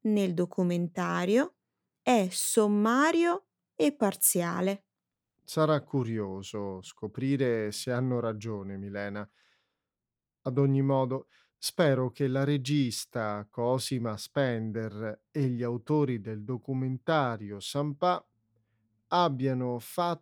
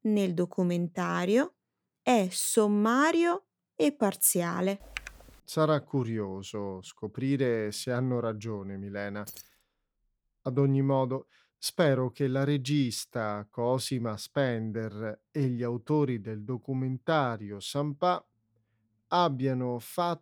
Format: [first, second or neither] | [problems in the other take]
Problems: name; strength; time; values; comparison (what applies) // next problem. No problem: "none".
first | keyboard typing; faint; at 5 s; peak 10 dB below the speech // jangling keys; faint; at 9.5 s; peak 15 dB below the speech